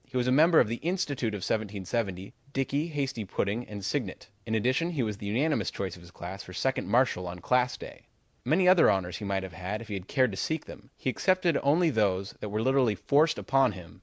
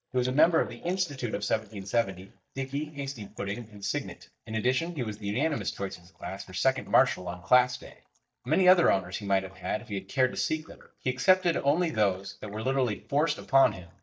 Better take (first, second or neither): first